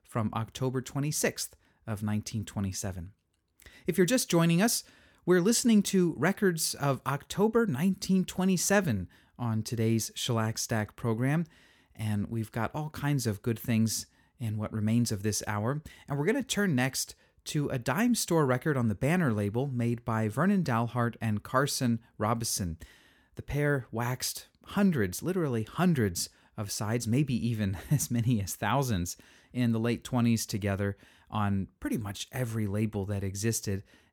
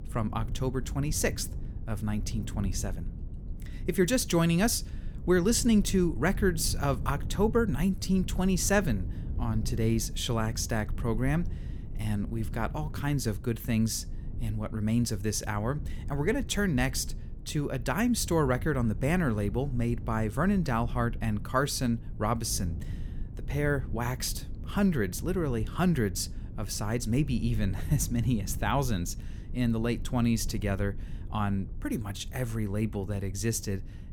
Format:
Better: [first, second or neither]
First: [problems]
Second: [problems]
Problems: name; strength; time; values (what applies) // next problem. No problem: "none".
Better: first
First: none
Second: low rumble; noticeable; throughout; 20 dB below the speech